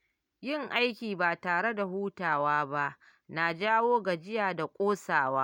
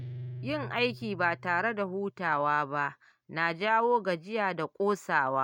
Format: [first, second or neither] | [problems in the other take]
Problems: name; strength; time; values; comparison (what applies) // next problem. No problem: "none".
first | noise reduction (neural mask model RNNoise)